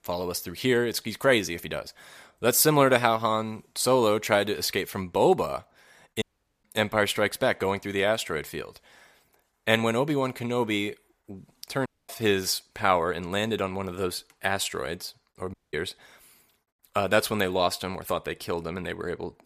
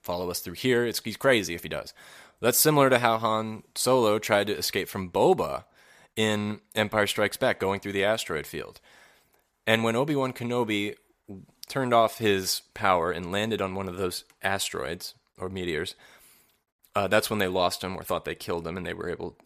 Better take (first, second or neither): second